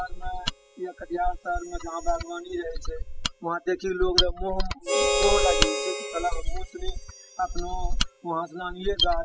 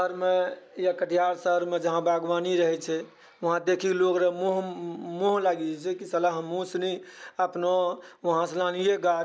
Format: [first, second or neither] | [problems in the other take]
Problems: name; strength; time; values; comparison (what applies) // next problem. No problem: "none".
second | noise reduction (classical method spectral subtraction)